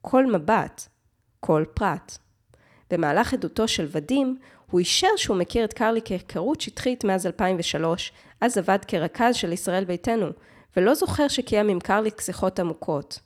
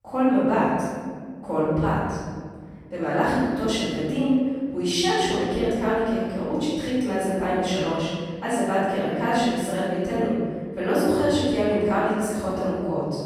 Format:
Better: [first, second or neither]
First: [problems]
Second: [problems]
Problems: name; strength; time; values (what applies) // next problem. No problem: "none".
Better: first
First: none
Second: off-mic speech; far // room echo; strong; dies away in 1.8 s